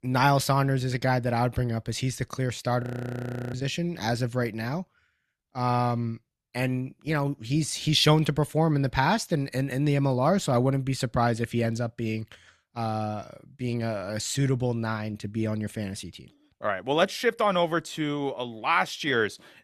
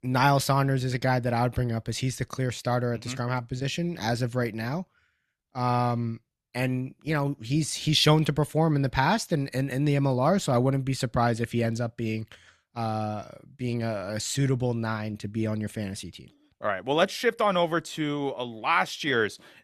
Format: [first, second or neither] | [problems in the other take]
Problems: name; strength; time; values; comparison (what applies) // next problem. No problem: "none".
second | audio freezing; at 3 s for 0.5 s